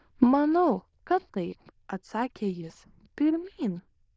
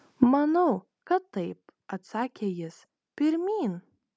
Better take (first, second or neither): second